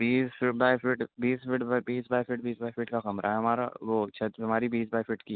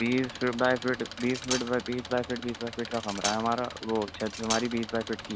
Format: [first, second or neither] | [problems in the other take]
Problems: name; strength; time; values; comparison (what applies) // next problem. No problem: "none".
first | background sound (Cutlery, silverware + Engine); 9 dB below the speech